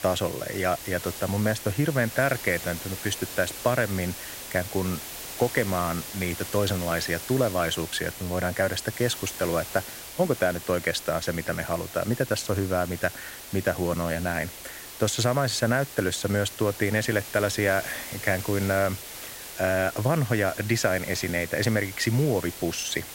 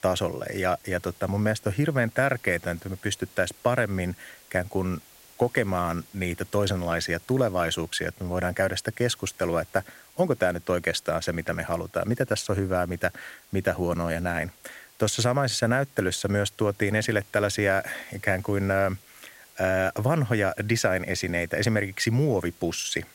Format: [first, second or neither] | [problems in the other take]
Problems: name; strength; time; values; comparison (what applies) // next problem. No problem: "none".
second | hiss; loud; throughout; 10 dB below the speech; faint in the second